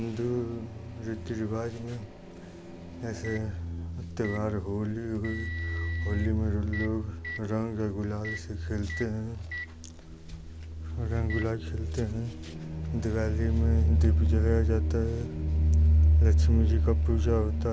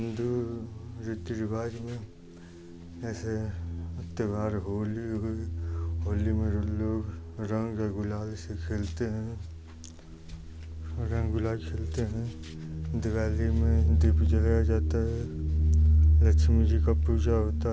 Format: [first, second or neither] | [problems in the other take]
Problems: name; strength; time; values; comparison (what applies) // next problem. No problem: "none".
second | background sound (Microwave oven); 19 dB below the speech